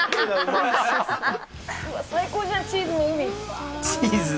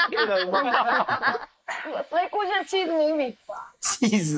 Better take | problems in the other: first | noise reduction (neural mask model Resemble Enhance denoiser)

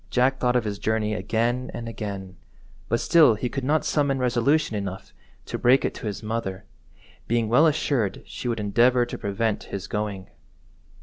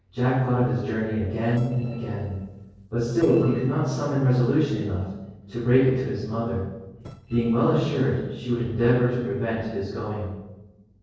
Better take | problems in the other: first | noise reduction (neural separator model SepFormer DNS4)

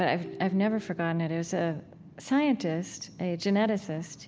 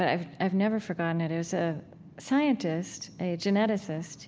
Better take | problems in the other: second | background sound (Ringtone); 17 dB below the speech

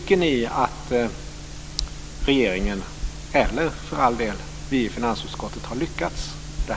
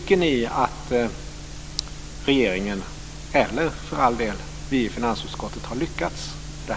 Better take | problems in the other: second | background sound (Knock); 11 dB below the speech

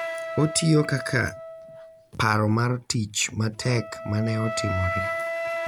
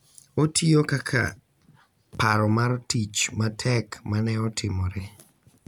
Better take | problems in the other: second | background sound (Wind instrument, woodwind instrument); 7 dB below the speech

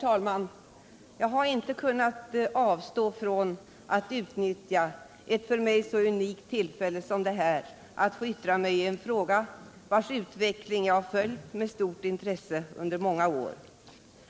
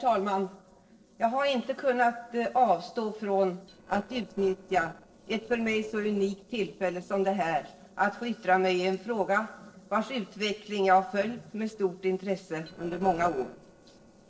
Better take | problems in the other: first | noise reduction (neural separator model SepFormer DNS4)

